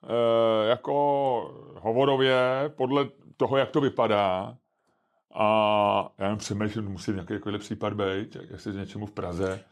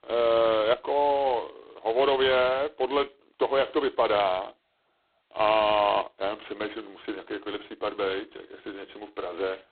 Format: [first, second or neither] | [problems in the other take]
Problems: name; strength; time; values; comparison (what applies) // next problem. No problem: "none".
first | phone-call audio; poor line; nothing above 4 kHz